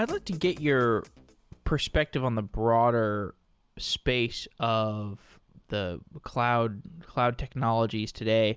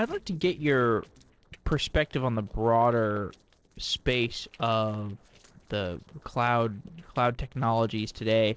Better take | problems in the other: first | noise reduction (neural separator model SepFormer DNS4)

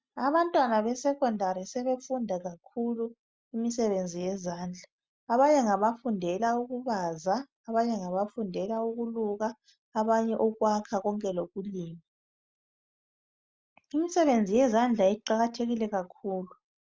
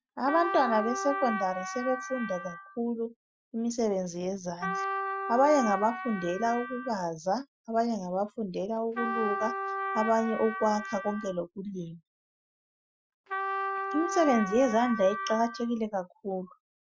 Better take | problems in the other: first | noise reduction (classical method Wiener filter)

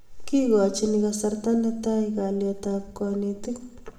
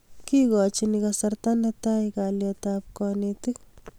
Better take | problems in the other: second | room echo; dies away in 0.8 s

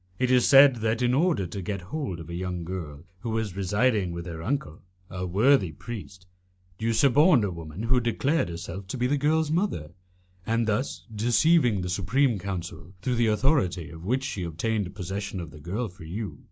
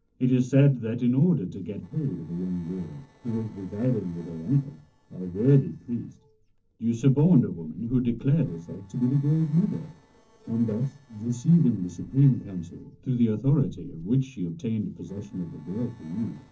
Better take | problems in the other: first | noise reduction (neural separator model SepFormer DNS4)

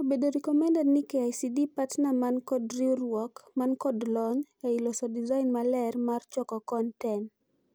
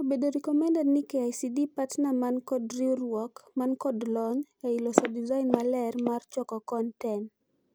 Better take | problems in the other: first | background sound (Walk, footsteps); 3 dB below the speech

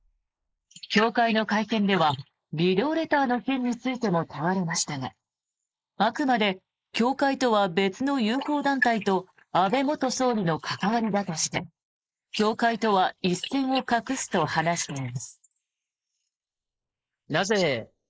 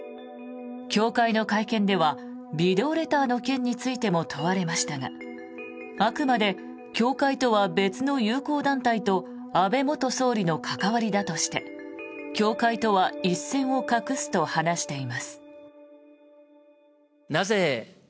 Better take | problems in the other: second | noise reduction (neural mask model Resemble Enhance denoiser)

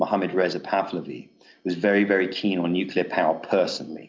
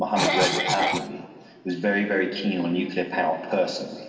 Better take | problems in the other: first | background sound (Cough); 1 dB above the speech // room echo; dies away in 2.3 s

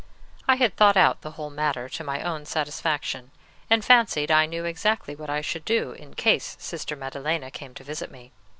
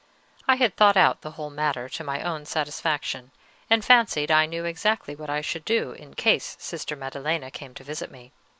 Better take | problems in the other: second | background sound (Squeak / Walk, footsteps); 18 dB below the speech

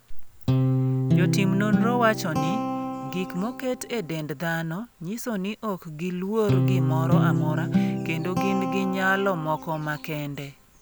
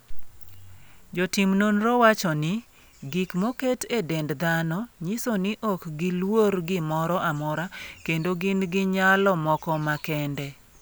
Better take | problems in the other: second | background sound (Guitar); 1 dB above the speech

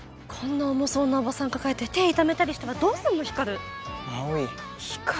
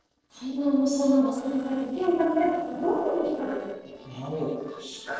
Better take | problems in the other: first | noise reduction (neural separator model SepFormer DNS4)

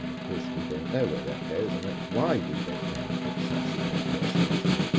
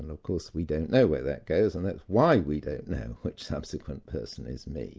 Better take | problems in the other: second | background sound (Snare drum); 5 dB above the speech // room echo; dies away in 1 s

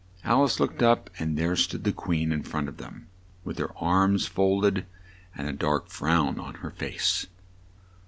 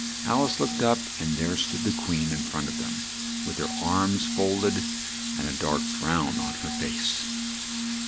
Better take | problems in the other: first | background sound (Glass + Sink (filling or washing) / Water tap, faucet); 2 dB below the speech

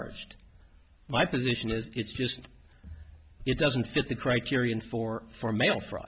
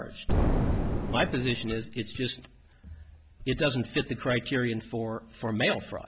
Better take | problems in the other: first | background sound (Boom); 3 dB above the speech

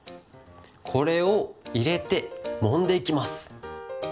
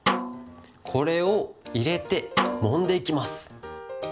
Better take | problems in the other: first | background sound (Snare drum); 5 dB below the speech

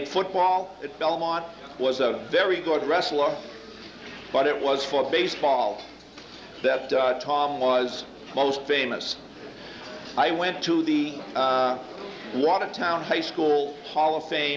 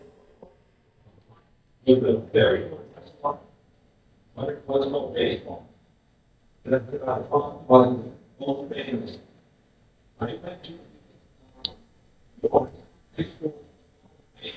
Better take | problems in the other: first | noise reduction (neural mask model DeepFilterNet 3)

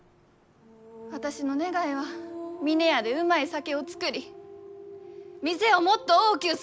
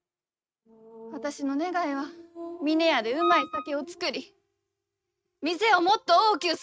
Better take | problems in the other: first | noise reduction (neural mask model RNNoise)

